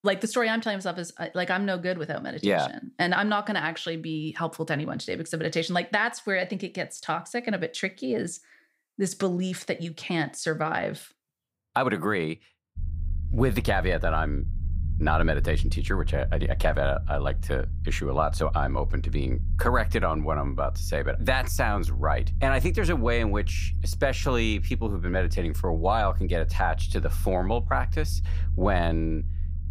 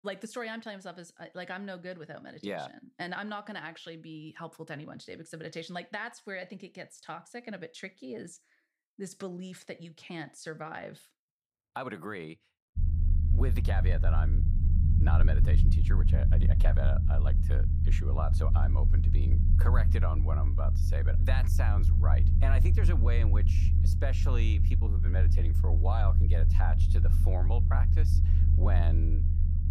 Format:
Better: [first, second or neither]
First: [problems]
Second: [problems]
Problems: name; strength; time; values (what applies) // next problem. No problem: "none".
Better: first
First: low rumble; faint; from 13 s on; 20 dB below the speech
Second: low rumble; loud; from 13 s on; 4 dB below the speech